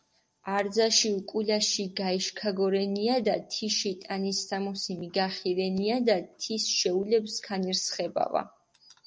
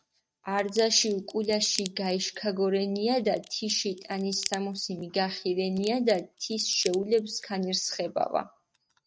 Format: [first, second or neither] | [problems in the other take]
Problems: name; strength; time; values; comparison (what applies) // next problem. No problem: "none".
first | noise reduction (neural mask model RNNoise)